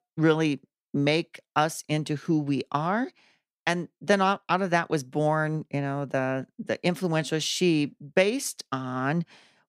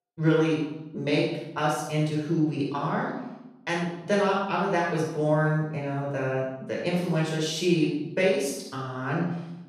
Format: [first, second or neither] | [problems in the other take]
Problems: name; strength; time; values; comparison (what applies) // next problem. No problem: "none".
first | room echo; strong; dies away in 0.8 s // off-mic speech; far